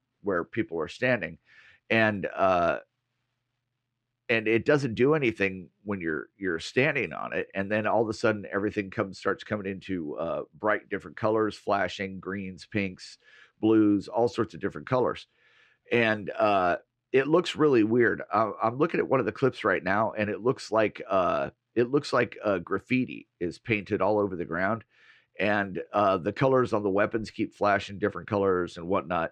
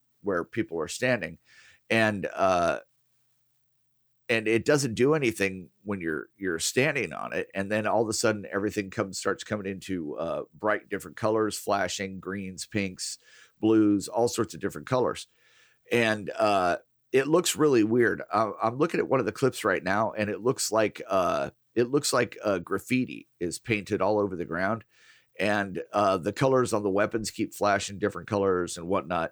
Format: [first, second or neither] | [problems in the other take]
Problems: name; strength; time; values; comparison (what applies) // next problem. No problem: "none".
second | muffled; slightly; fading above 2.5 kHz